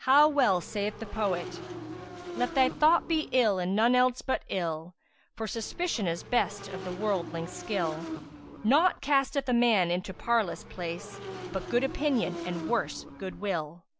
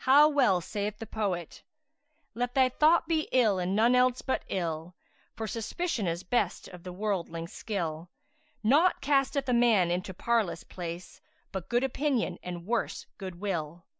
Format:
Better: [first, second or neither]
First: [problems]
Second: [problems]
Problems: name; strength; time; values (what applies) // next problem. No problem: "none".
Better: second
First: background sound (Motorcycle / Engine); 12 dB below the speech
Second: none